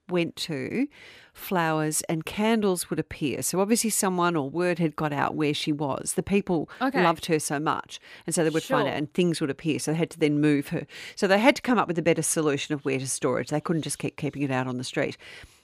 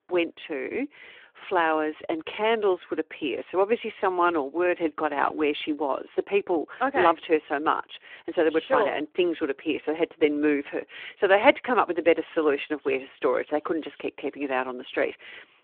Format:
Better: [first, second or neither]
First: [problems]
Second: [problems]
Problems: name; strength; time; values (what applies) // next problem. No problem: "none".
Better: first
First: none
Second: phone-call audio